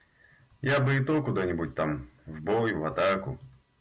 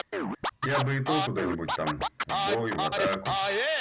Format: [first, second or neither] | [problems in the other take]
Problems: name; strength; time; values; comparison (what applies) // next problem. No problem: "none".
first | background sound (Scratching (performance technique)); 1 dB above the speech